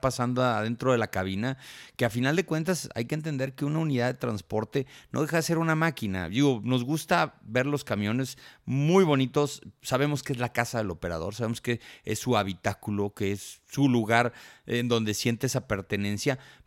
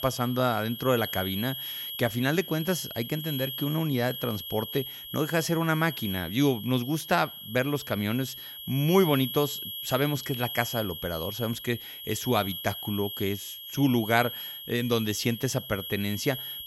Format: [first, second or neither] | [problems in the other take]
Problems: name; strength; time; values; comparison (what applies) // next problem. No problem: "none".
first | high-pitched whine; loud; throughout; 3.5 kHz, 8 dB below the speech